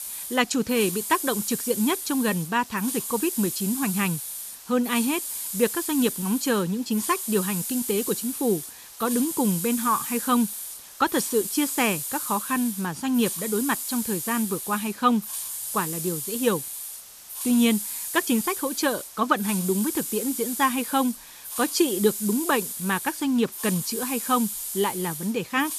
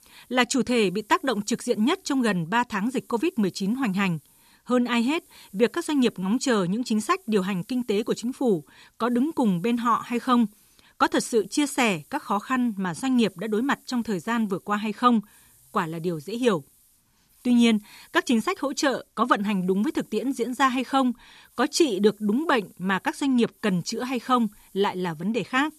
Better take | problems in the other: second | hiss; loud; throughout; 5 dB below the speech; faint in the second

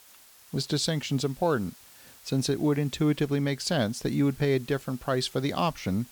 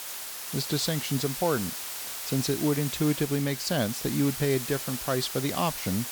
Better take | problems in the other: first | hiss; loud; throughout; 5 dB below the speech; faint in the first

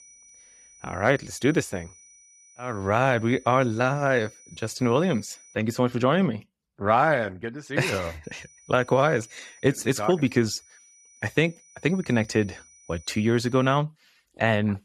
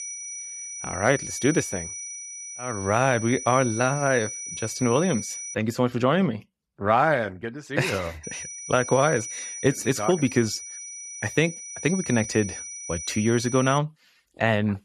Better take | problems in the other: first | high-pitched whine; loud; until 5.5 s and from 8 to 14 s; 6 kHz, 9 dB below the speech; faint in the first

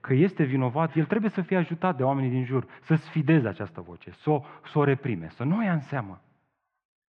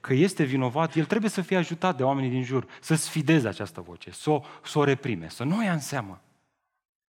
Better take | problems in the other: second | muffled; very; fading above 2.5 kHz

